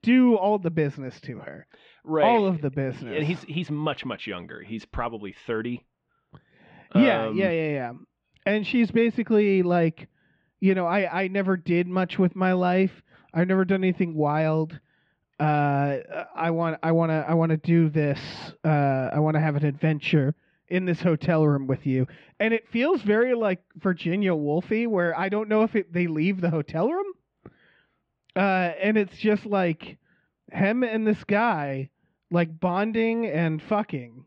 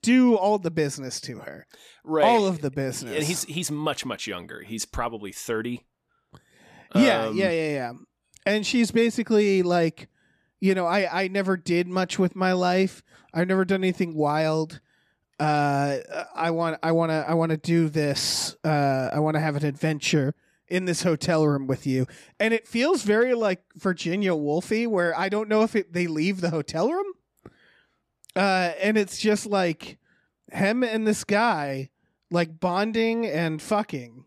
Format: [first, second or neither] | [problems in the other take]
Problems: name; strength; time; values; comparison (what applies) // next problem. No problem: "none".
second | muffled; very; fading above 3 kHz